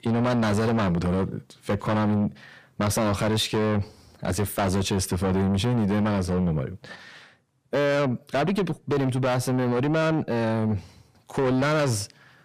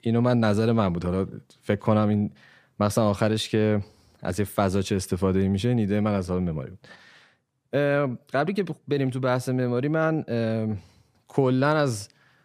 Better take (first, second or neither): second